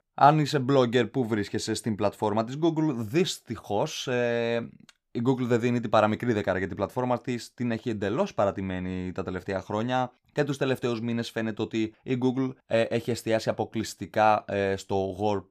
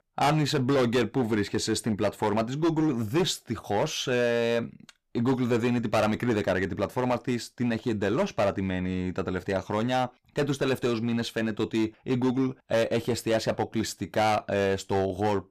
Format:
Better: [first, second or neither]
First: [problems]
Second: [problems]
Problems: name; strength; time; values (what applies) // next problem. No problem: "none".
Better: first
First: none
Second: distortion; heavy; 10% of the sound clipped